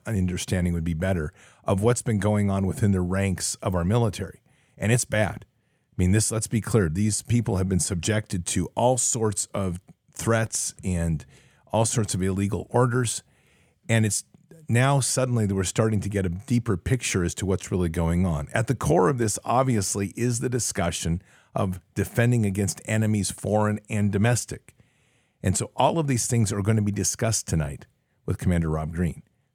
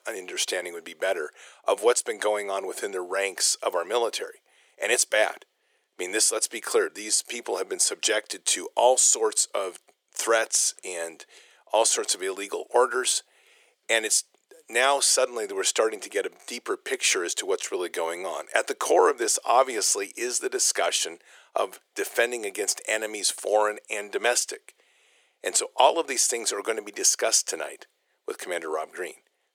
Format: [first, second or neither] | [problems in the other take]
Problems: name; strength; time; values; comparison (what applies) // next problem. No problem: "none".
first | thin; very; fading below 350 Hz